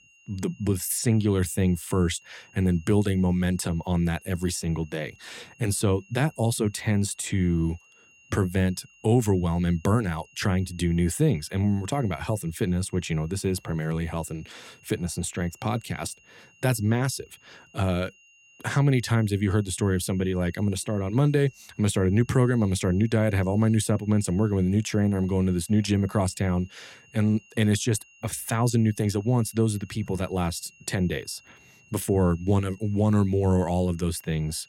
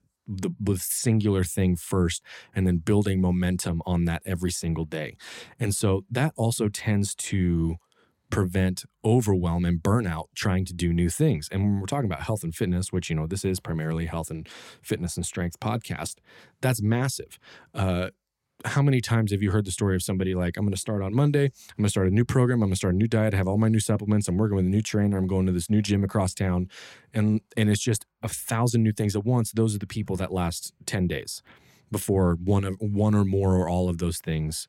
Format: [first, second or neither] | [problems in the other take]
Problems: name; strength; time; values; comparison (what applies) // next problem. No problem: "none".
second | high-pitched whine; faint; throughout; 3 kHz, 30 dB below the speech